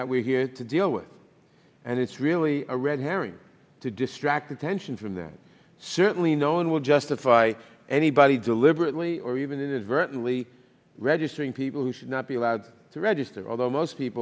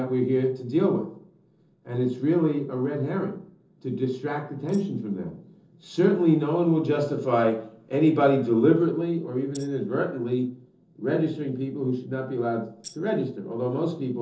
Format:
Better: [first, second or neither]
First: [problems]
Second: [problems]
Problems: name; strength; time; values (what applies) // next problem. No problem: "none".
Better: first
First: none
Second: noise reduction (neural separator model SepFormer DNS4)